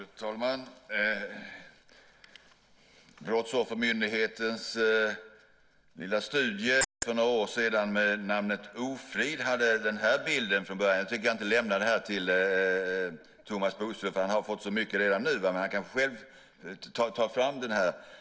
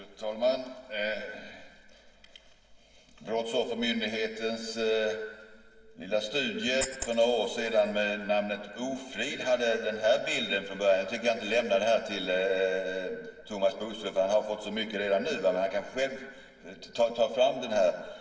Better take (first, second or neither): first